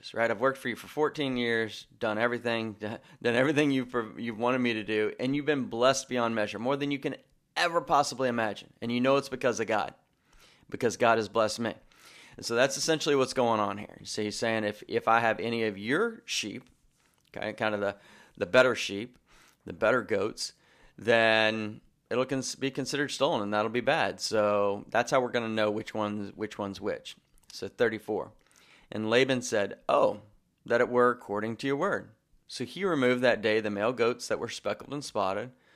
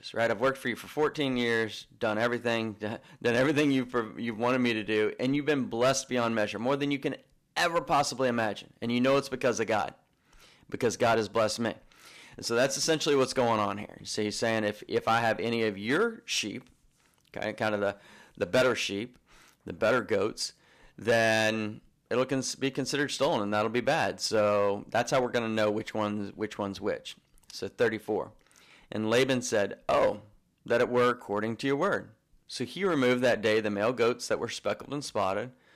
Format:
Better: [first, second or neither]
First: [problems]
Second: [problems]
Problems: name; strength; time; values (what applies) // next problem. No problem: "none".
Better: first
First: none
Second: distortion; slight; 3% of the sound clipped